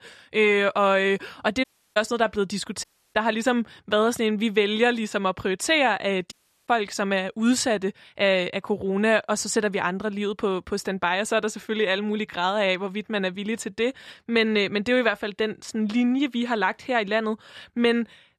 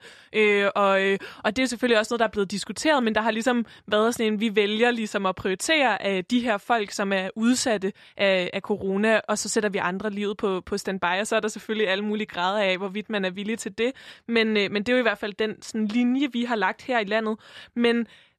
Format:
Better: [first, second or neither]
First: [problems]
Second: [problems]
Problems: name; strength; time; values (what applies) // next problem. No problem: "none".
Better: second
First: audio cutting out; at 1.5 s, at 3 s and at 6.5 s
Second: none